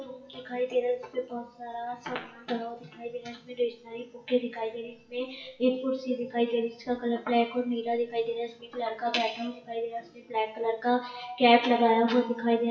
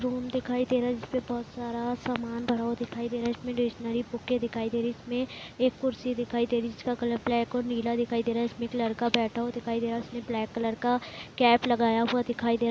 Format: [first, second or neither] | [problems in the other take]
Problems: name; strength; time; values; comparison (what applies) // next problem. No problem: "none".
second | noise reduction (classical method WPE with log-MMSE)